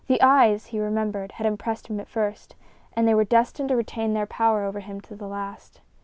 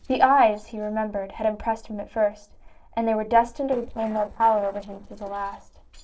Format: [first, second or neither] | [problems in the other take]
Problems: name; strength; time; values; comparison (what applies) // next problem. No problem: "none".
first | noise reduction (neural separator model SepFormer DNS4)